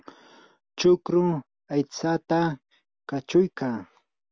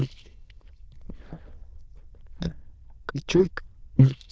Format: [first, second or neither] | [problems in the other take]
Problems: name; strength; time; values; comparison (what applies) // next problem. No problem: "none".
first | noise reduction (neural diffusion model UNIVERSE++)